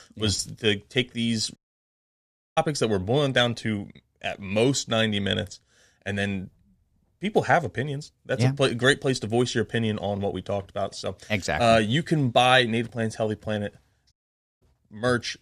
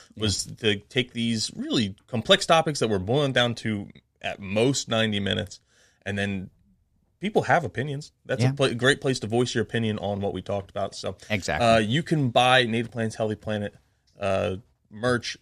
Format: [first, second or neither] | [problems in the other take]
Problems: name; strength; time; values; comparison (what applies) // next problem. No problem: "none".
second | audio cutting out; at 1.5 s for 1 s and at 14 s